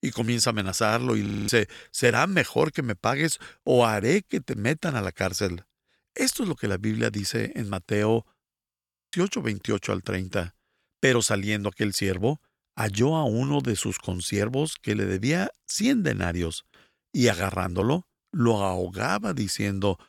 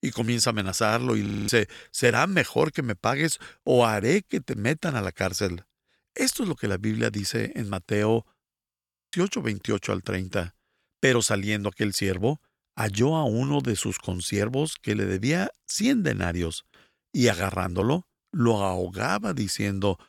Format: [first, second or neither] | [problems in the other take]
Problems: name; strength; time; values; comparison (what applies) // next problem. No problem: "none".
neither | audio freezing; at 1.5 s and at 8.5 s; the same in both